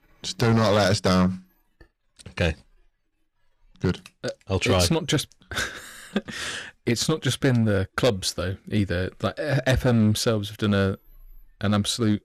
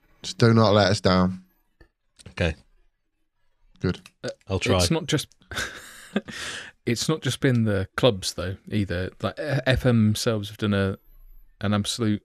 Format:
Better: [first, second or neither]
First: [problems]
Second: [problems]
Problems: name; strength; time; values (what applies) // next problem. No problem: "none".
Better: second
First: distortion; slight; 4% of the sound clipped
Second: none